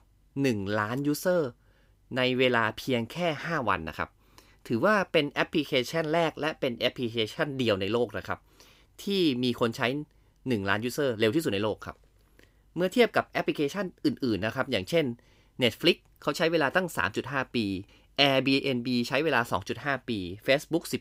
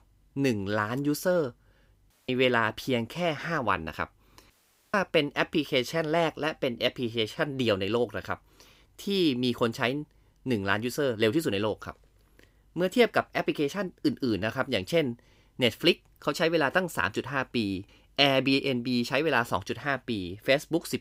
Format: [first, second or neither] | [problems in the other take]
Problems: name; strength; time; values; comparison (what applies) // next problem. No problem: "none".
first | audio cutting out; at 2 s and at 4.5 s